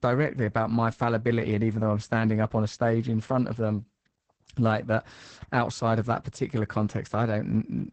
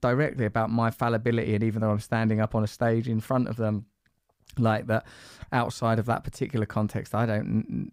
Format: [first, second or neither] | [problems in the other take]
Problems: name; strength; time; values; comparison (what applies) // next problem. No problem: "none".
second | garbled, watery; badly; nothing above 8 kHz